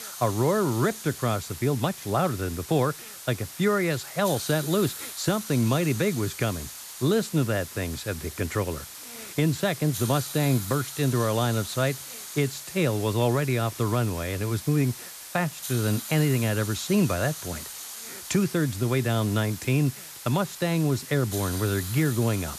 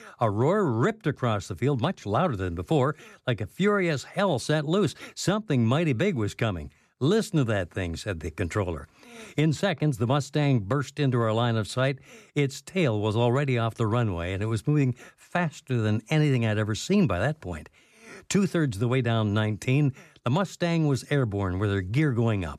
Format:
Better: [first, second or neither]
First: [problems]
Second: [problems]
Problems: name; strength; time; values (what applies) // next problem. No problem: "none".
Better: second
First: hiss; noticeable; throughout; 10 dB below the speech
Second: none